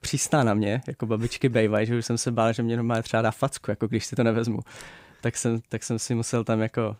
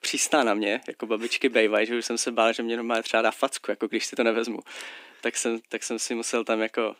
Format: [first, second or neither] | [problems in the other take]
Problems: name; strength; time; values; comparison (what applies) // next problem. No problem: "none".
first | thin; somewhat; fading below 250 Hz